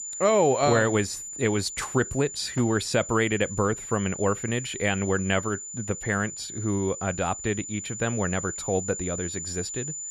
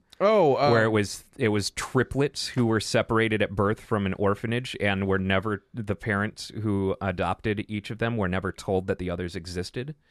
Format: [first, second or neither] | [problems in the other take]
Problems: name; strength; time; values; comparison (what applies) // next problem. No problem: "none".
second | high-pitched whine; loud; throughout; 7 kHz, 8 dB below the speech